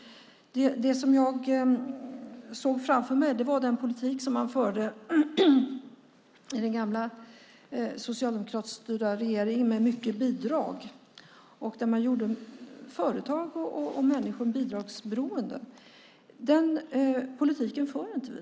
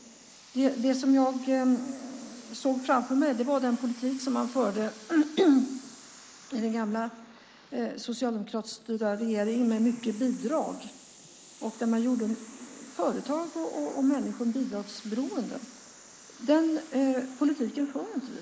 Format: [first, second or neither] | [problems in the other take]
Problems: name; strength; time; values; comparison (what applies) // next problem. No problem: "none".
first | noise reduction (neural mask model Resemble Enhance denoiser)